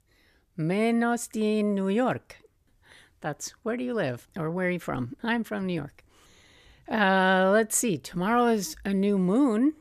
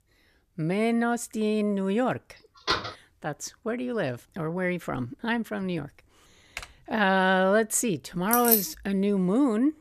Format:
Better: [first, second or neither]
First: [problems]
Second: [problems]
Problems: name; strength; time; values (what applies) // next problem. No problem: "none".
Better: first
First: none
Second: door banging; noticeable; at 2.5 s; peak 2 dB below the speech // keyboard typing; faint; at 6.5 s; peak 15 dB below the speech // jangling keys; loud; at 8.5 s; peak 4 dB above the speech